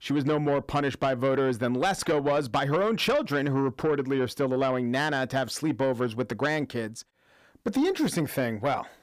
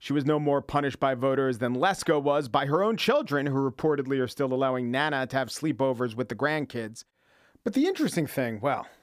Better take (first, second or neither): second